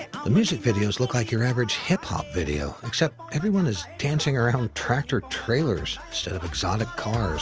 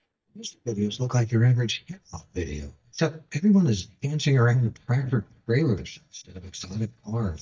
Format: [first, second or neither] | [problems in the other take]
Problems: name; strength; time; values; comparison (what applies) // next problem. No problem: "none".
first | noise reduction (neural mask model DeepFilterNet 3)